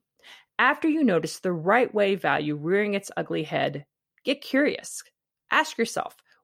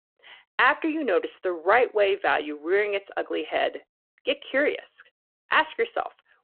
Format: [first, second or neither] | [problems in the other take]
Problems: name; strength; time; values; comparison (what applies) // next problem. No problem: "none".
first | phone-call audio